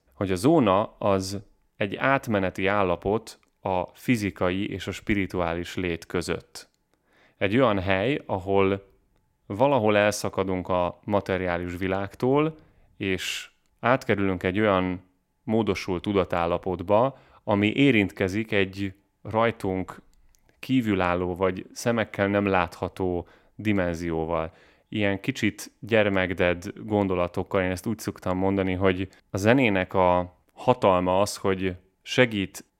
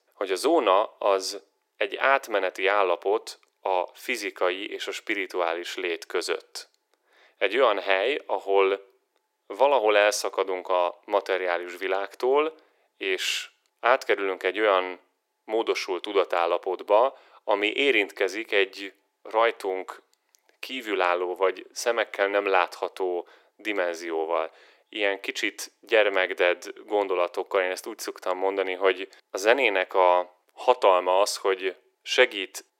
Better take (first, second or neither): first